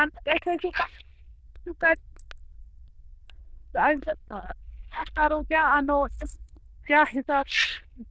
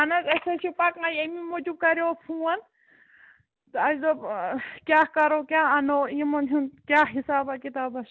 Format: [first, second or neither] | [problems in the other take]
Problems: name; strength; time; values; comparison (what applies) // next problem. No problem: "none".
second | noise reduction (neural diffusion model UNIVERSE++)